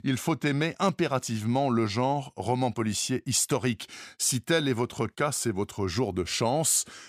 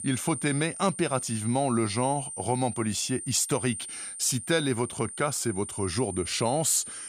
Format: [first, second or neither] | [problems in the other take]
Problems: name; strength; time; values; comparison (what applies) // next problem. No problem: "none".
first | high-pitched whine; loud; throughout; 9 kHz, 8 dB below the speech